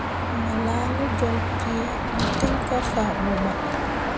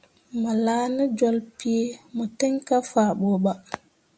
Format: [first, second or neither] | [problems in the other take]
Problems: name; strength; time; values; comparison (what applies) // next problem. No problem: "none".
second | background sound (Car passing by / Traffic noise, roadway noise / Engine); 4 dB above the speech